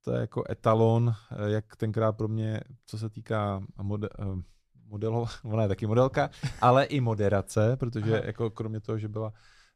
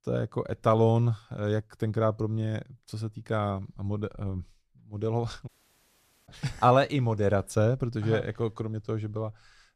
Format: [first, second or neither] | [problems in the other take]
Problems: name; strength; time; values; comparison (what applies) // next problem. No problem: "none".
first | audio cutting out; at 5.5 s for 1 s